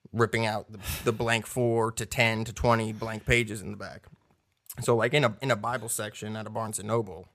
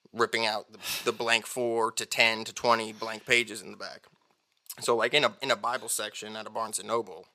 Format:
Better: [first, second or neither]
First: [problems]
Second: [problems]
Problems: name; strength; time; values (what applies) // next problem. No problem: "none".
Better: first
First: none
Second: thin; somewhat; fading below 300 Hz